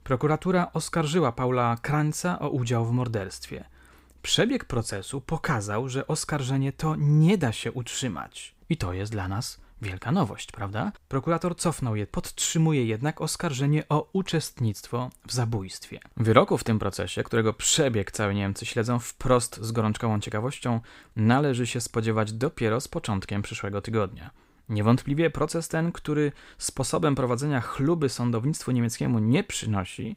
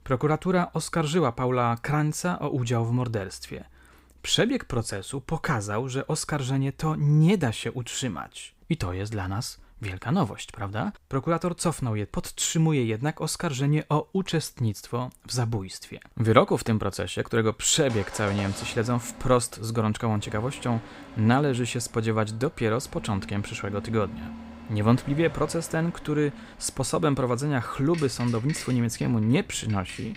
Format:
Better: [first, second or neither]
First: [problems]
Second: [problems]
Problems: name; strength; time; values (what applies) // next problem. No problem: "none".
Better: first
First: none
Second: traffic noise; noticeable; from 14 s on; 15 dB below the speech